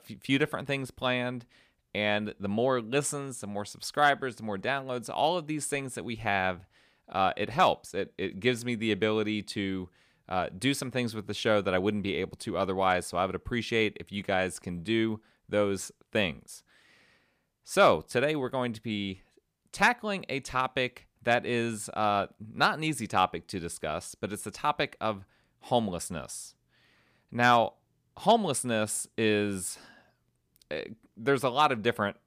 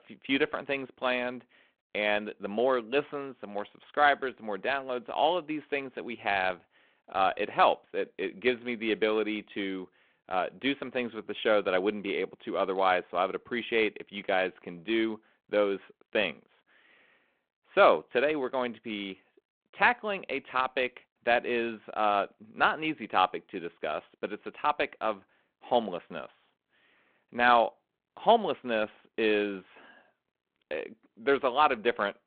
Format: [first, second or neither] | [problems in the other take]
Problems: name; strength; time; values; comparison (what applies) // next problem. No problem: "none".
first | phone-call audio